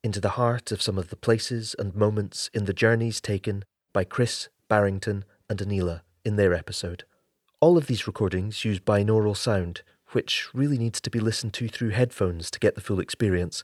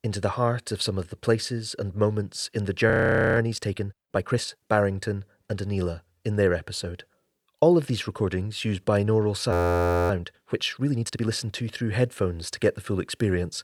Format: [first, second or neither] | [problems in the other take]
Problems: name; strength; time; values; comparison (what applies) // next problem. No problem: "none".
first | audio freezing; at 3 s and at 9.5 s for 0.5 s